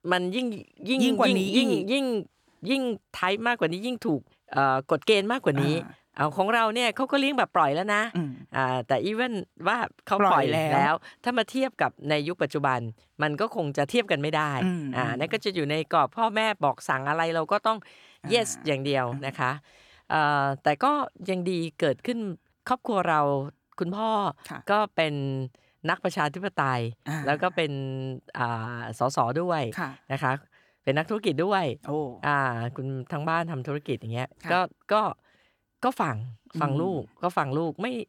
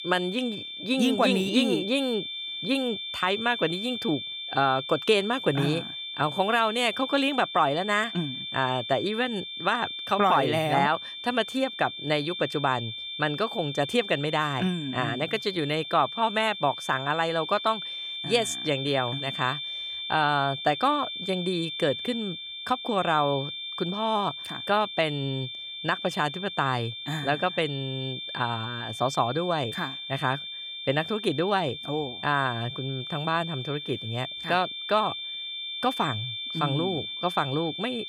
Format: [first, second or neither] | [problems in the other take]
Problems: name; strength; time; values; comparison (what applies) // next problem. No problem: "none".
first | high-pitched whine; loud; throughout; 3.5 kHz, 6 dB below the speech